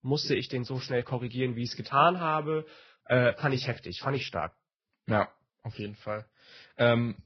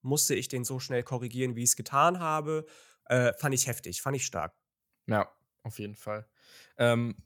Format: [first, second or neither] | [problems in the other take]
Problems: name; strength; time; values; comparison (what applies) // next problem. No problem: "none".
second | garbled, watery; badly; nothing above 5.5 kHz